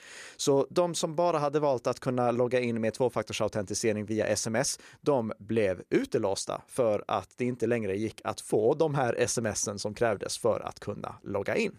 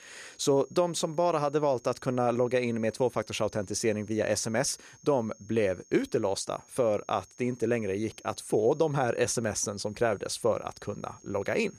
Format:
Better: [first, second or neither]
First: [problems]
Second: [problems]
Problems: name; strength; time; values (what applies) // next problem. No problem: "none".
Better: first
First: none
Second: high-pitched whine; faint; throughout; 6.5 kHz, 25 dB below the speech